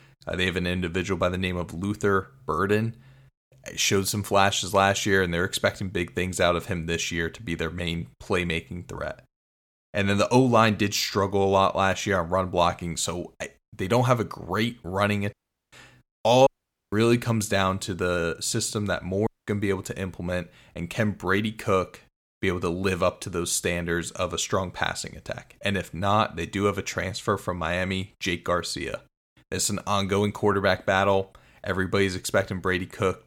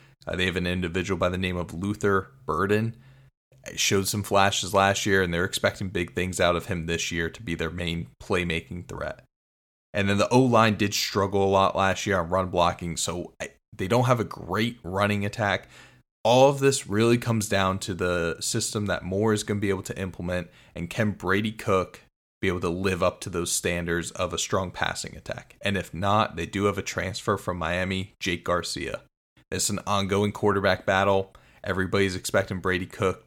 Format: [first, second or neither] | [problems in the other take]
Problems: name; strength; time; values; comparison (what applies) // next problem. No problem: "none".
second | audio cutting out; at 15 s, at 16 s and at 19 s